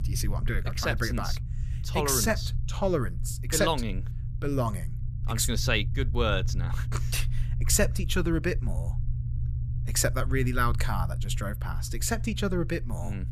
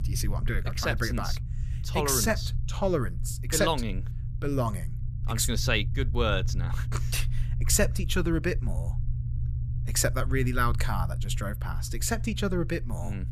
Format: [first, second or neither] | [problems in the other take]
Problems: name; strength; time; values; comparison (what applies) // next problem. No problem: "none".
neither | low rumble; noticeable; throughout; 15 dB below the speech; the same in both